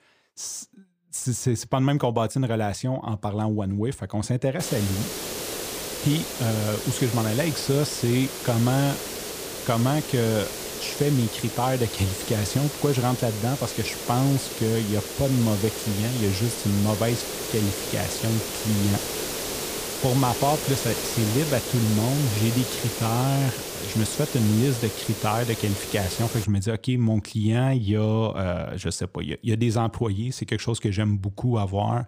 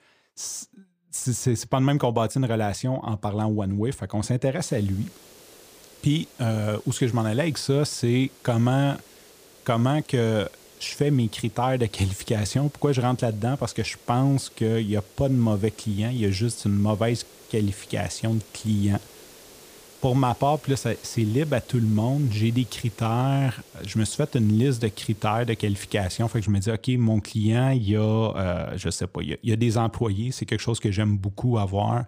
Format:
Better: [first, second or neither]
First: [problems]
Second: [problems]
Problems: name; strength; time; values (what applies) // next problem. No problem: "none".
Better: second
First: hiss; loud; from 4.5 to 26 s; 5 dB below the speech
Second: hiss; faint; from 4.5 to 26 s; 25 dB below the speech